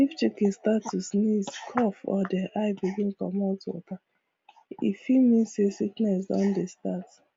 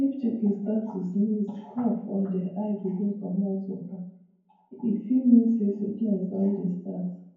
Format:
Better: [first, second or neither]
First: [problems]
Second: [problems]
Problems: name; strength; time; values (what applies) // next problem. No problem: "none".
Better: first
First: none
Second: room echo; dies away in 0.9 s